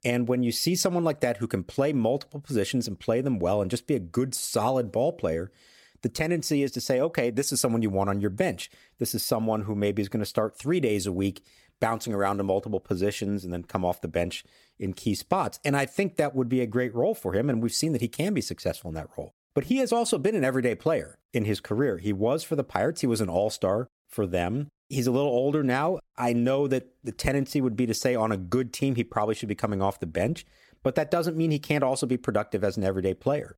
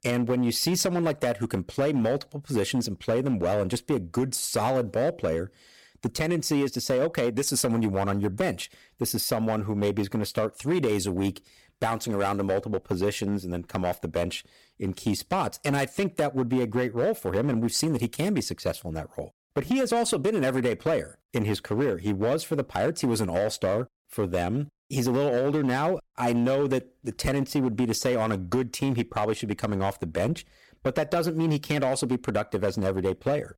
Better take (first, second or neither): first